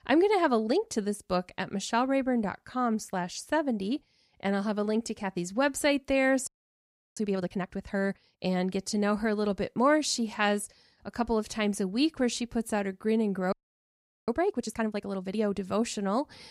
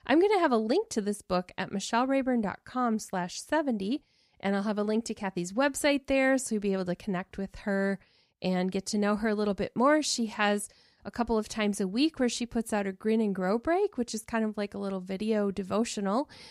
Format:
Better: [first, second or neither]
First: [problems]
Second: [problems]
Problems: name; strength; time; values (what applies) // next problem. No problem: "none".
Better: second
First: audio freezing; at 6.5 s for 0.5 s and at 14 s for 1 s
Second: none